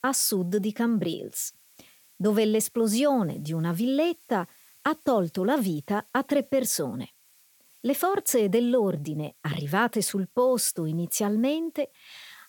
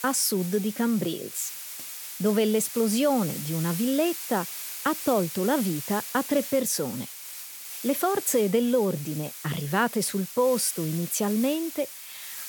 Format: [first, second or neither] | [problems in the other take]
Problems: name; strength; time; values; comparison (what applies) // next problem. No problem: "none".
first | hiss; loud; throughout; 9 dB below the speech; faint in the first